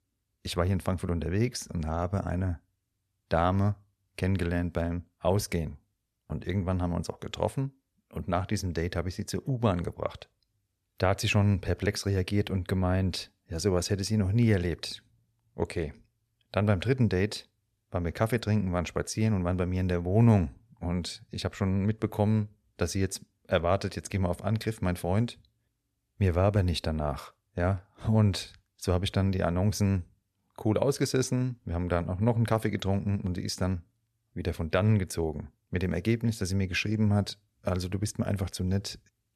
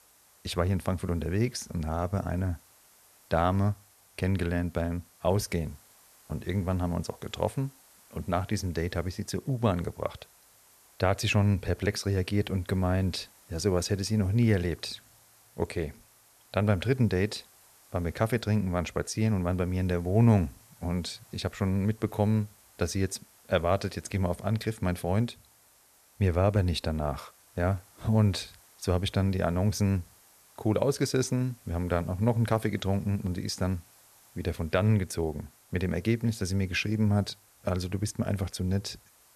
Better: first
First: none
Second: hiss; faint; throughout; 25 dB below the speech

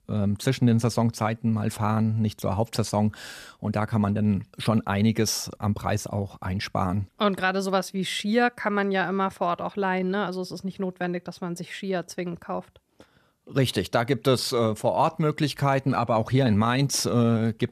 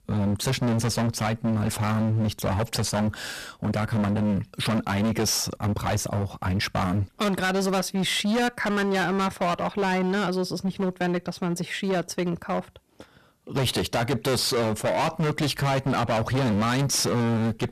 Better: first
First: none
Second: distortion; heavy; 27% of the sound clipped

